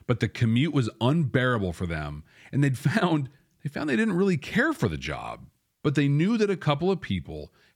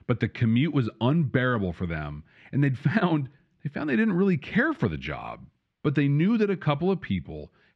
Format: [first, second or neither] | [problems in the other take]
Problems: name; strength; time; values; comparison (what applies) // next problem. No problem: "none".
first | muffled; slightly; fading above 2.5 kHz